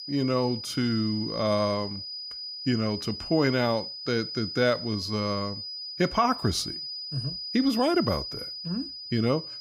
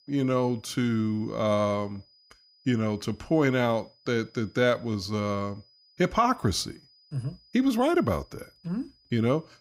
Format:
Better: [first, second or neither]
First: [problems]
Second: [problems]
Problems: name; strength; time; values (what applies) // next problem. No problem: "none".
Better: second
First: high-pitched whine; loud; throughout; 5 kHz, 7 dB below the speech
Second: high-pitched whine; faint; throughout; 5 kHz, 30 dB below the speech